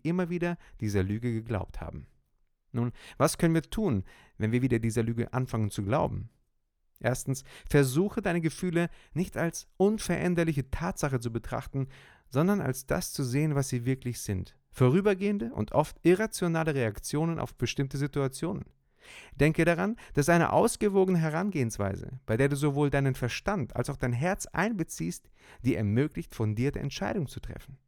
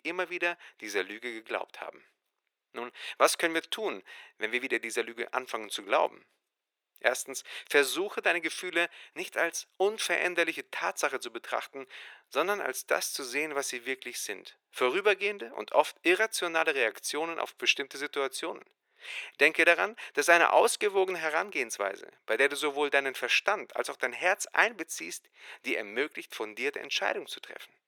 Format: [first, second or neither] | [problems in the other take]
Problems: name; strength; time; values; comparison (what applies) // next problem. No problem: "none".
first | thin; very; fading below 400 Hz